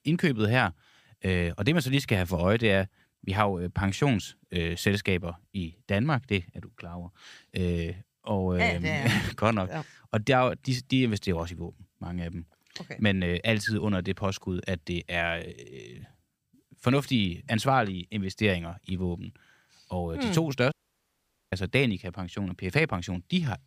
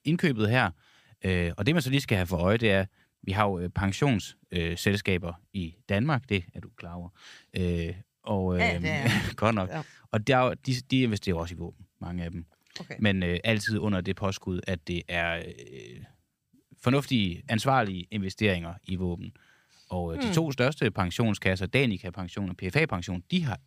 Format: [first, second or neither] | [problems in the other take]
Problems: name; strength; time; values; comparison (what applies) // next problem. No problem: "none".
second | audio cutting out; at 21 s for 1 s